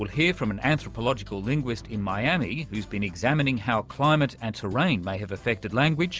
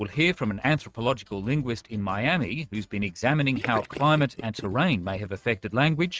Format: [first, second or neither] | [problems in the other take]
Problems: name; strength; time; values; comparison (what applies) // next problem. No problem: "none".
first | noise reduction (neural mask model RNNoise)